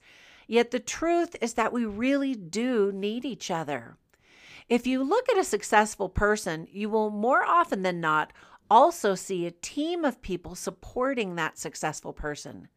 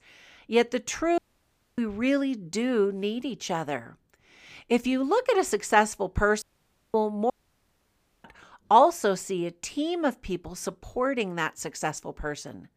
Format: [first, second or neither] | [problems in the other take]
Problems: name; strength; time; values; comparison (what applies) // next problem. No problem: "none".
first | audio cutting out; at 1 s for 0.5 s, at 6.5 s for 0.5 s and at 7.5 s for 1 s